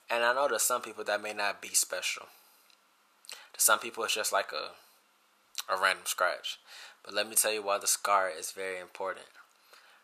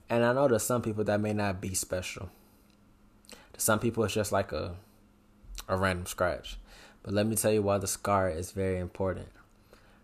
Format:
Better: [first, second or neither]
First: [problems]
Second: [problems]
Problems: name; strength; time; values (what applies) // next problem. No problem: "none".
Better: second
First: thin; very; fading below 900 Hz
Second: none